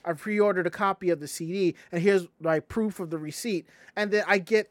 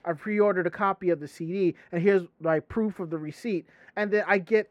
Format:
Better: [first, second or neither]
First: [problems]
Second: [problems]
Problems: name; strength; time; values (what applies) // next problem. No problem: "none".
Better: first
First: none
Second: muffled; slightly; fading above 4 kHz